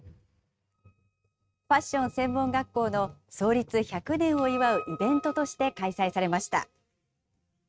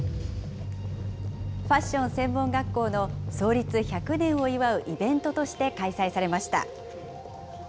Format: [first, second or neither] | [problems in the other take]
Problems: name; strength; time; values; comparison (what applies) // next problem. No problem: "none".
second | noise reduction (neural mask model RNNoise)